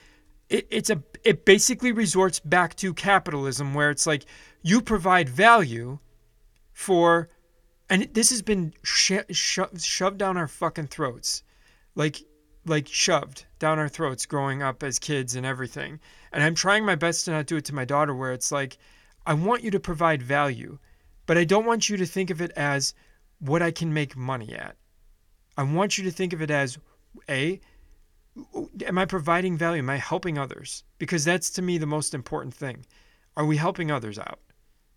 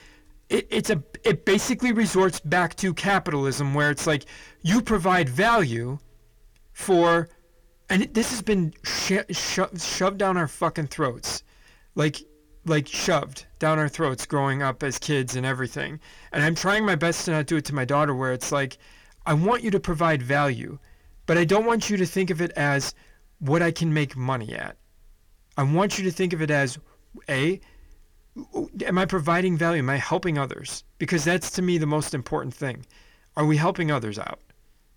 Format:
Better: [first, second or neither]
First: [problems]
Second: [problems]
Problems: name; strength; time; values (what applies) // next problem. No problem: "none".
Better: first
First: none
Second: distortion; heavy; 7 dB below the speech